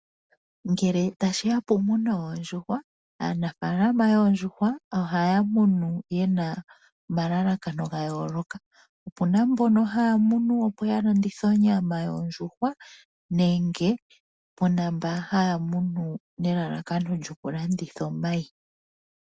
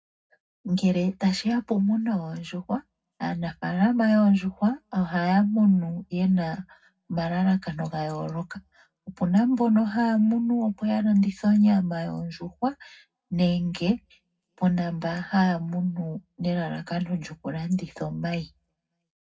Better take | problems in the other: first | room echo; dies away in 0.3 s

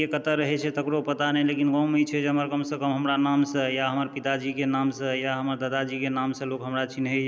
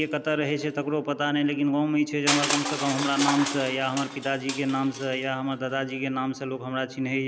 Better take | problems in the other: first | background sound (Crushing); 8 dB below the speech

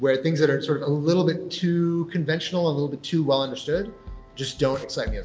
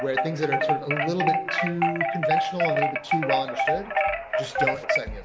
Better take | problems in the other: first | background sound (Wind chime); 5 dB above the speech

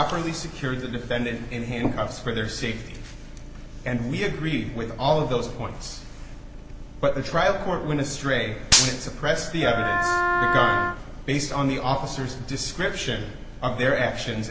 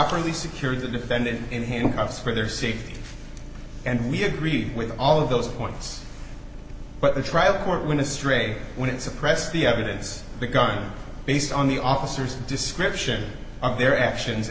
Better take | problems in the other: second | background sound (Wind instrument, woodwind instrument + Gunshot, gunfire); 3 dB above the speech

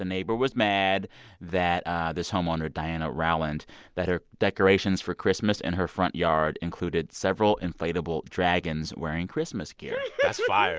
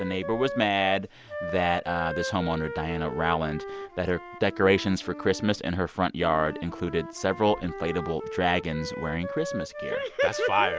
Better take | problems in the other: first | background sound (Wind instrument, woodwind instrument); 9 dB below the speech

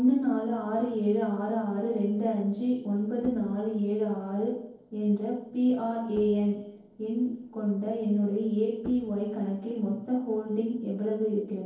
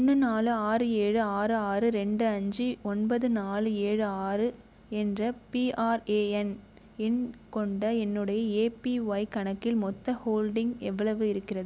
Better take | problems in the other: second | noise reduction (neural separator model SepFormer DNS4)

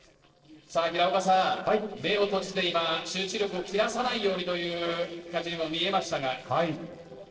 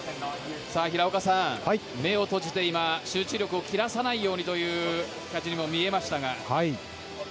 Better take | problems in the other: second | noise reduction (neural separator model SepFormer DNS4)

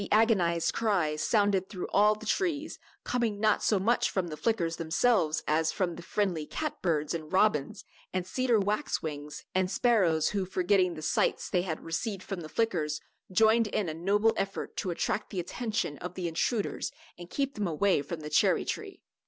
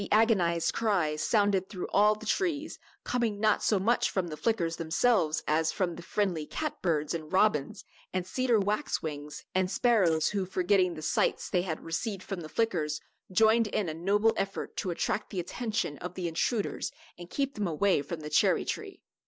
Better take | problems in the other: first | noise reduction (neural mask model Resemble Enhance denoiser)

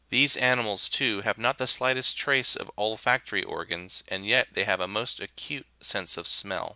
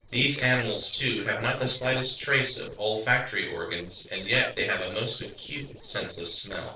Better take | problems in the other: first | noise reduction (neural separator model SepFormer DNS4)

